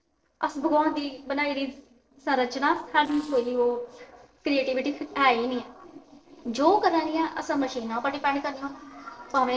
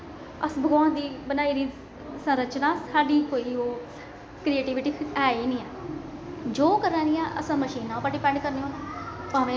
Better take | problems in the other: second | noise reduction (neural separator model SepFormer DNS4)

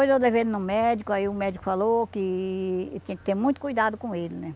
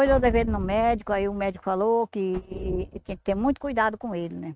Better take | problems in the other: first | noise reduction (neural mask model RNNoise)

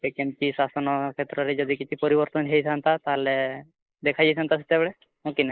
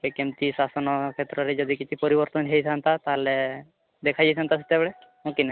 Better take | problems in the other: second | noise reduction (neural mask model Resemble Enhance denoiser)

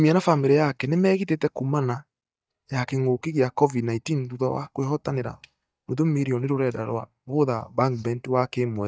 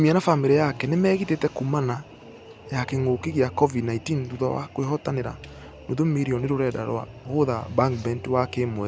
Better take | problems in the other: second | noise reduction (neural mask model DeepFilterNet 3)

